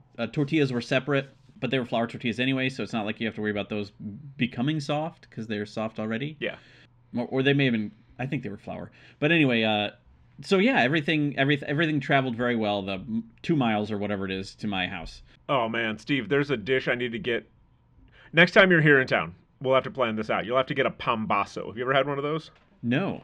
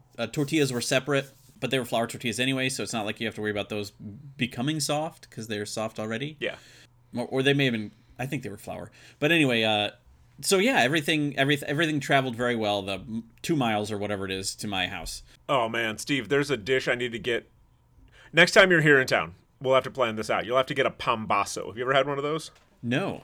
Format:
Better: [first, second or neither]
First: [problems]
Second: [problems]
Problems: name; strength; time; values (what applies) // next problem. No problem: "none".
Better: second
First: muffled; slightly; fading above 3 kHz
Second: none